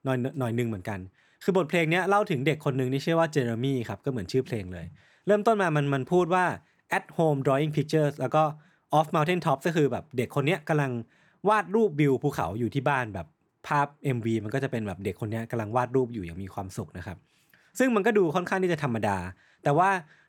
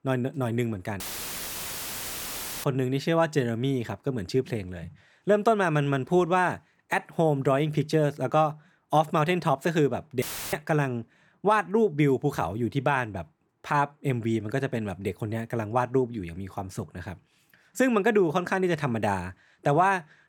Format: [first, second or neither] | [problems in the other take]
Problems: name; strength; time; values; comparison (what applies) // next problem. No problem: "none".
first | audio cutting out; filled with static; at 1 s for 1.5 s and at 10 s